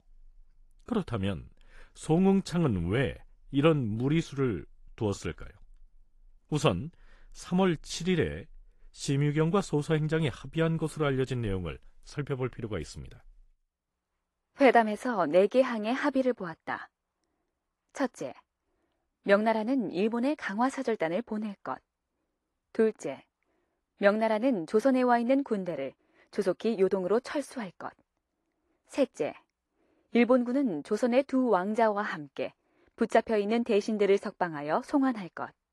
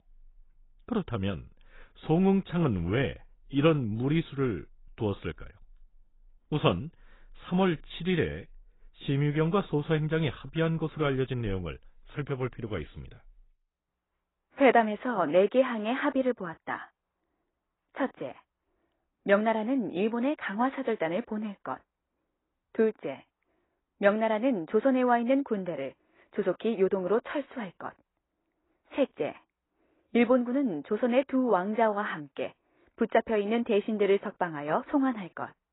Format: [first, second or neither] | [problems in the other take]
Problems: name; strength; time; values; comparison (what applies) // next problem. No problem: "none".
first | garbled, watery; badly; nothing above 4 kHz; slightly in the first